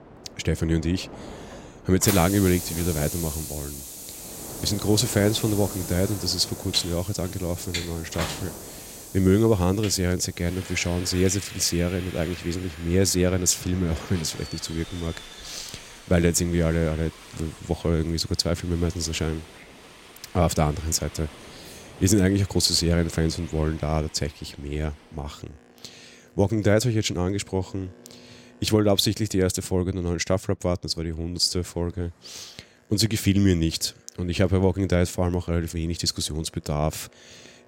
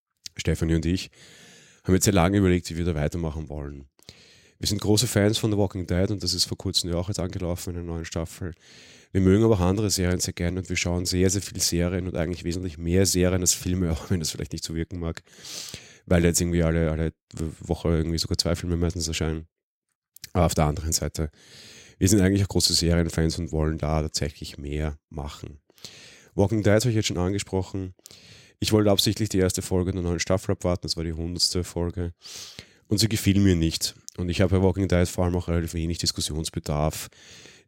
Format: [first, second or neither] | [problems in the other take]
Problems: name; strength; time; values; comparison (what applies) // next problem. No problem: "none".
second | train or aircraft noise; noticeable; throughout; 10 dB below the speech